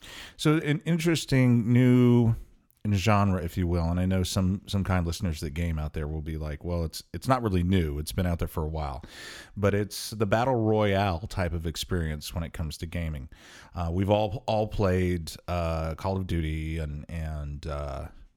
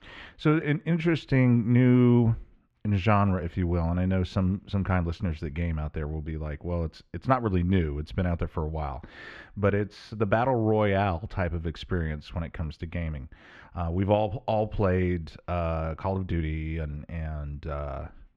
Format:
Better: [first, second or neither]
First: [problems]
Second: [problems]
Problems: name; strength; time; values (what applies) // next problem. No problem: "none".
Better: first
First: none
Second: muffled; slightly; fading above 2 kHz